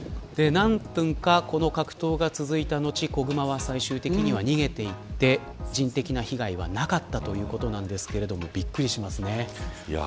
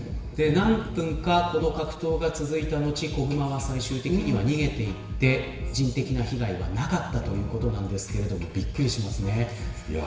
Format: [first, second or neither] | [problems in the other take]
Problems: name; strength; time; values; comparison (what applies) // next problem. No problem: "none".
first | room echo; dies away in 1 s